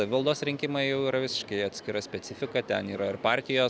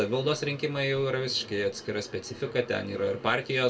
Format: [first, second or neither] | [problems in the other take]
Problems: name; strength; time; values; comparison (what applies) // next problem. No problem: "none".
first | room echo; dies away in 0.2 s